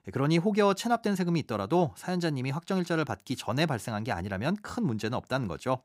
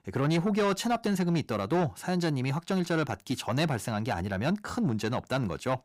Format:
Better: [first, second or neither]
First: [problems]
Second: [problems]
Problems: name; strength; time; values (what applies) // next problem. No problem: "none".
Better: first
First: none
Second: distortion; slight; 10 dB below the speech